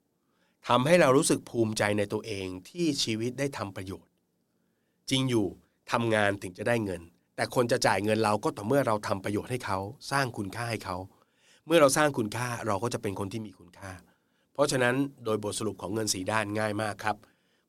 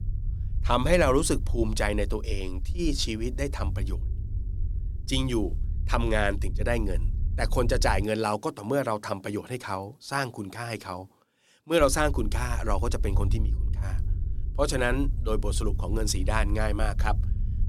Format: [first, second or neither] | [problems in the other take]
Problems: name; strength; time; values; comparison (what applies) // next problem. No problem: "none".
first | low rumble; faint; until 8 s and from 12 s on; 20 dB below the speech